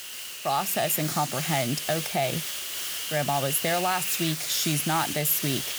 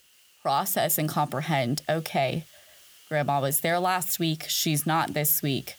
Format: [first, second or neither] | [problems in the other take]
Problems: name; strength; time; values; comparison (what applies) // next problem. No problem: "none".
second | hiss; loud; throughout; 3 dB below the speech; faint in the second